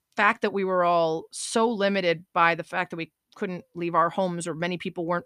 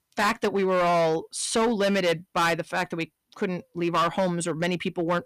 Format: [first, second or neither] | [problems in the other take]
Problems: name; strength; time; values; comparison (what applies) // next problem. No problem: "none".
first | distortion; heavy; 12% of the sound clipped